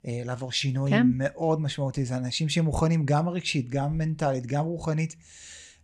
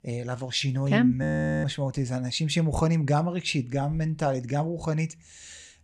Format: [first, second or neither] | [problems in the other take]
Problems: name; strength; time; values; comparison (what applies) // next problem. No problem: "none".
first | audio freezing; at 1 s